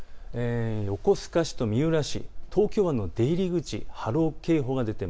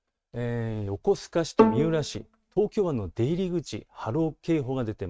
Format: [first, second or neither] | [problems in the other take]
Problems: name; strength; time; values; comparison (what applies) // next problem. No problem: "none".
first | noise reduction (neural mask model RNNoise)